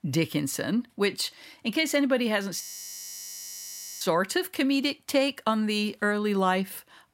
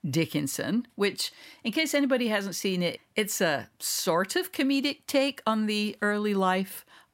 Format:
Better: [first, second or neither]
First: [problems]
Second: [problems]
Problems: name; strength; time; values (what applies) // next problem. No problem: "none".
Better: second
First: audio freezing; at 2.5 s for 1.5 s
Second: none